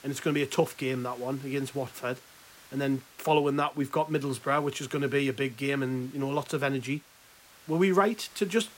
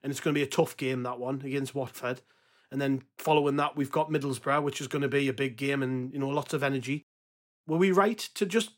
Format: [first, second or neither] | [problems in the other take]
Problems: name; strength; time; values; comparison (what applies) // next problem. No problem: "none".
second | hiss; faint; throughout; 25 dB below the speech